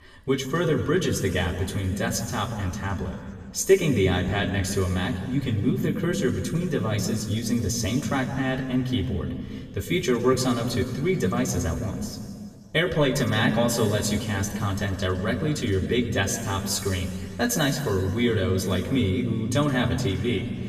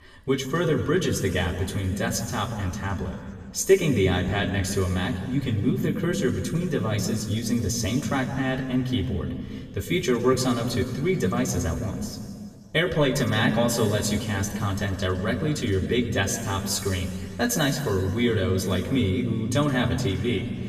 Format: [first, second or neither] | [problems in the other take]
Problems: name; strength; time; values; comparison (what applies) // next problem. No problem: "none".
neither | room echo; slight; dies away in 2.2 s; the same in both // off-mic speech; somewhat distant; the same in both